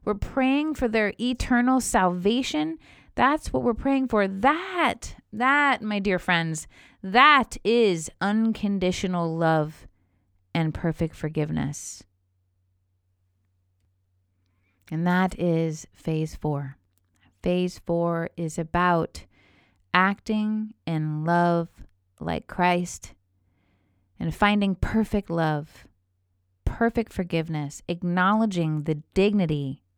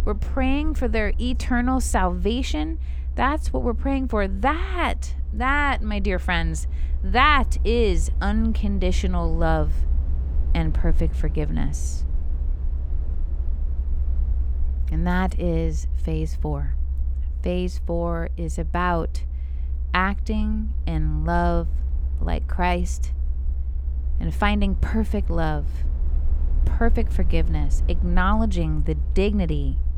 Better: first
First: none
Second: low rumble; faint; throughout; 20 dB below the speech

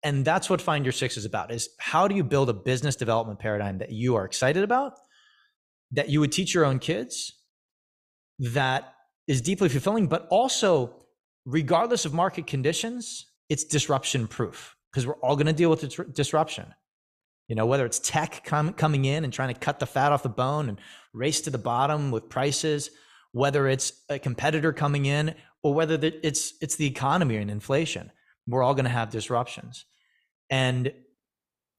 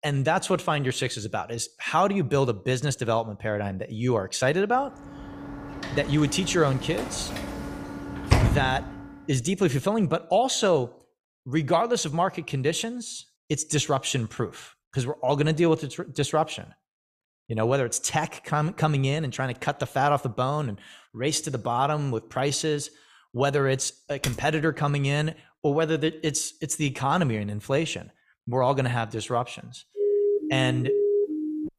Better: first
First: none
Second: door banging; loud; from 7.5 to 8.5 s; peak 4 dB above the speech // keyboard typing; noticeable; at 24 s; peak 7 dB below the speech // siren; loud; from 30 s on; peak 3 dB above the speech

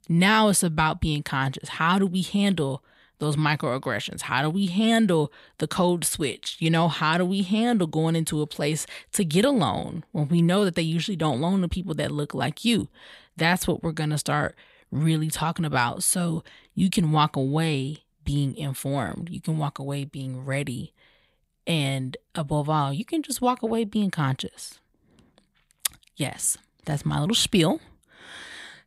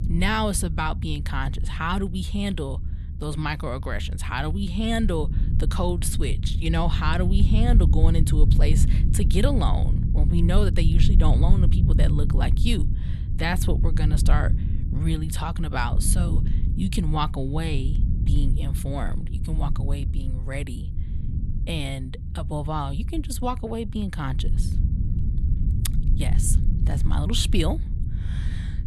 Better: first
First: none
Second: low rumble; loud; throughout; 10 dB below the speech

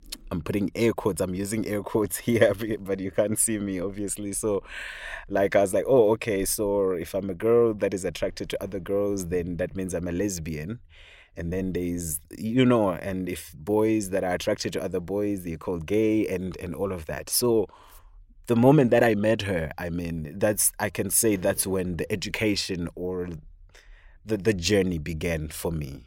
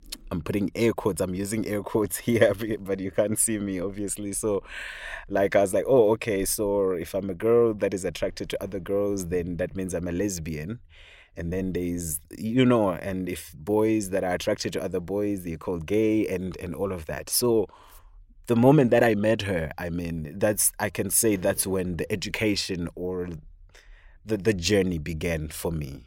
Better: neither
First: none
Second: none

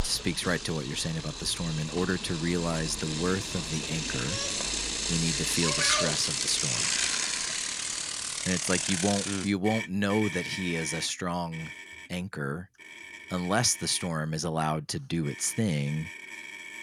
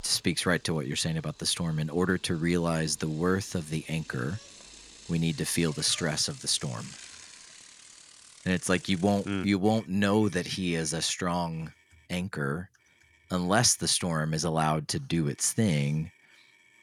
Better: second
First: traffic noise; loud; throughout; as loud as the speech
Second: traffic noise; faint; throughout; 20 dB below the speech

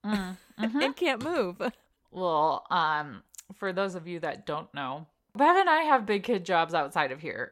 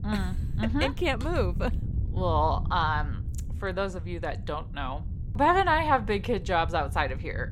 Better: first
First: none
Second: wind noise on the microphone; occasional gusts; 20 dB below the speech

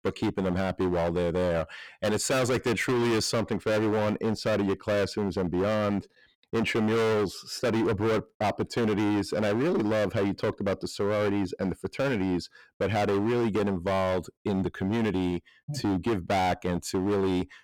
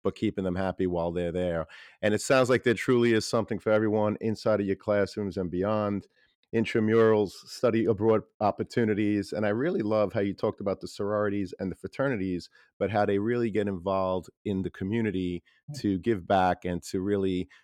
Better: second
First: distortion; heavy; 25% of the sound clipped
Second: none

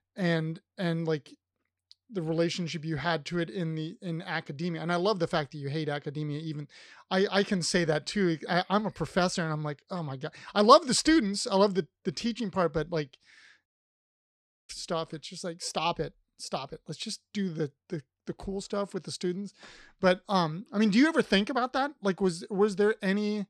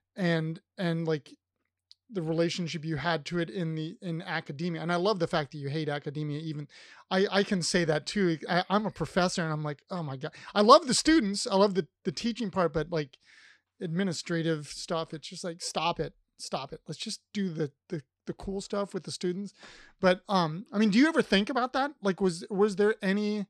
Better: second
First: audio cutting out; at 14 s for 1 s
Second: none

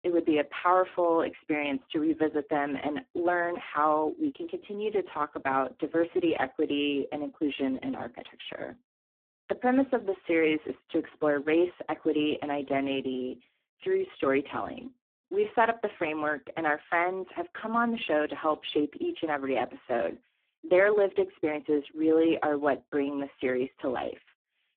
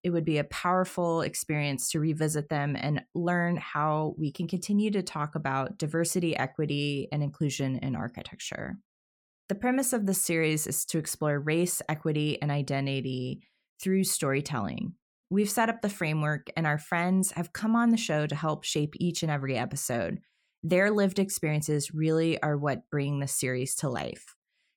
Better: second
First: phone-call audio; poor line; nothing above 3.5 kHz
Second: none

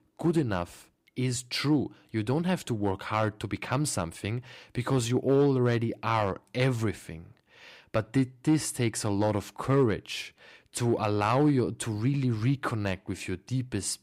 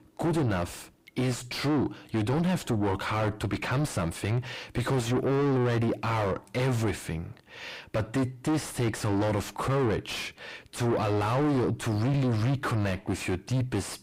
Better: first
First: none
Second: distortion; heavy; 5 dB below the speech

